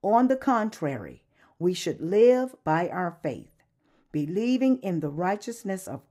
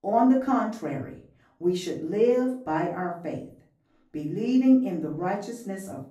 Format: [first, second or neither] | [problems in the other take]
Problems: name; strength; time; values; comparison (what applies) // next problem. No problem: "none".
first | off-mic speech; far // room echo; slight; dies away in 0.4 s